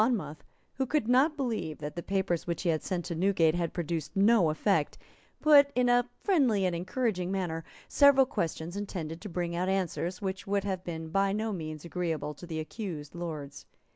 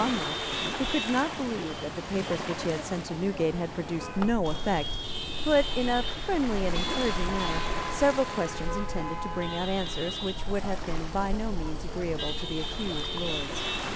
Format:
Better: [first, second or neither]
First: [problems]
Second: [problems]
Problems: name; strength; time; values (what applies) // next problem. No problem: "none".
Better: first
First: none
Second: background sound (Chatter / Traffic noise, roadway noise / Vehicle horn, car horn, honking / Engine + Waves, surf); 1 dB below the speech